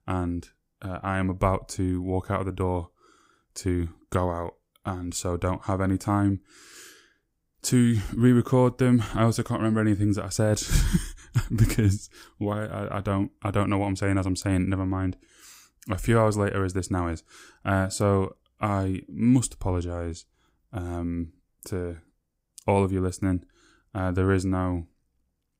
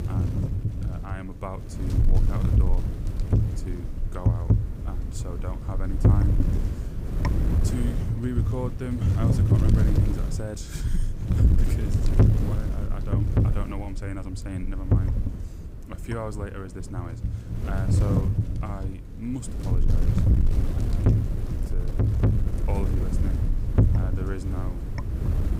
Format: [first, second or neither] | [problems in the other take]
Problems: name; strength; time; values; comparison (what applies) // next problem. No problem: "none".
first | wind noise on the microphone; heavy; 2 dB above the speech